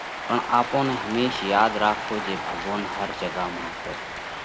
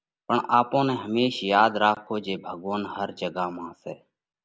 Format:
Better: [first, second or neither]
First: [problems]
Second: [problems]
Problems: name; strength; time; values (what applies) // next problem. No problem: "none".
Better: second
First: background sound (Cheering); 6 dB below the speech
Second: none